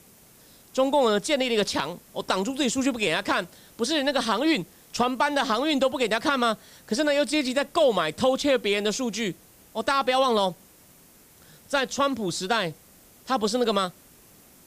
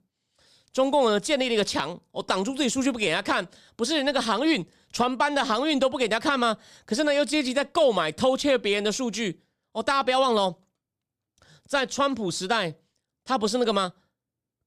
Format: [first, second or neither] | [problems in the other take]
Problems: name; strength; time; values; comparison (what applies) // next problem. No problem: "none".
second | hiss; faint; throughout; 25 dB below the speech